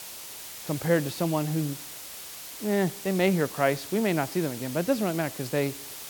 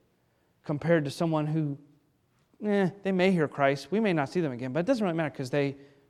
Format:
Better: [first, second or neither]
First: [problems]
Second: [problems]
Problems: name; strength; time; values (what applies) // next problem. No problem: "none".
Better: second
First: hiss; noticeable; throughout; 10 dB below the speech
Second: none